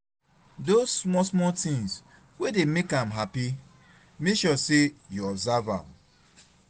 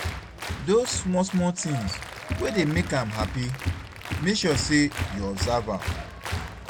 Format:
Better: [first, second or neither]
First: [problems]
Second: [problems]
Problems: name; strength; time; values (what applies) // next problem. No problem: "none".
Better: first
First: none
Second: background sound (Applause); 6 dB below the speech